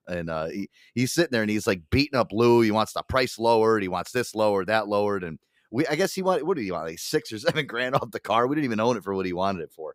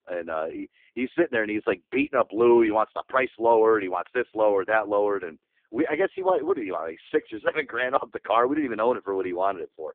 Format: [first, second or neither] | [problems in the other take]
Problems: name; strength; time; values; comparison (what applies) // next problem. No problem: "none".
first | phone-call audio; poor line